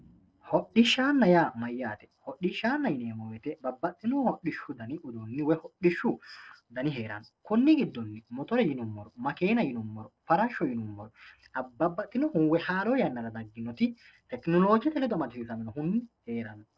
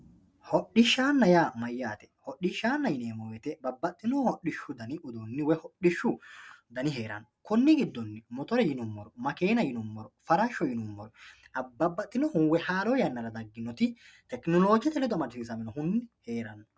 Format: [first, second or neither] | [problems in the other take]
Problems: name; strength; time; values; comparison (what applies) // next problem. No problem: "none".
second | noise reduction (neural separator model SepFormer DNS4)